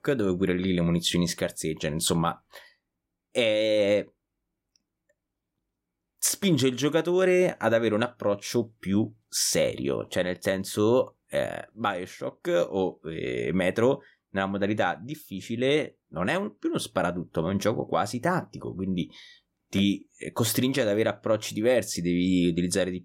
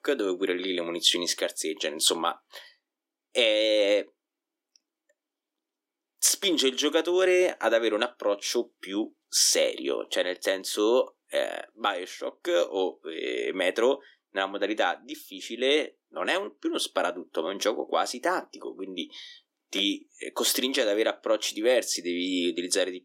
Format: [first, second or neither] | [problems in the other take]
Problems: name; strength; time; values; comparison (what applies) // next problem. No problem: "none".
first | thin; somewhat; fading below 300 Hz